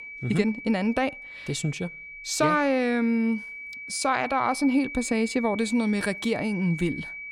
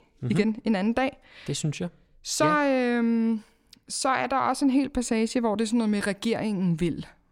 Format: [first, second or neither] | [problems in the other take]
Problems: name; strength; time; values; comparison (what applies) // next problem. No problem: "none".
second | high-pitched whine; noticeable; throughout; 2.5 kHz, 10 dB below the speech